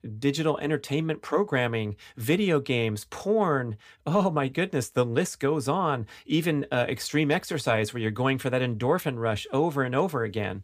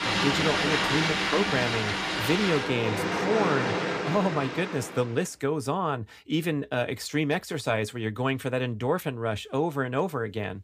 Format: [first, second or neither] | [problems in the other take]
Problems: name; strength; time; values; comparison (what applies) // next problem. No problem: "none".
first | rain or running water; very loud; until 4.5 s; 2 dB above the speech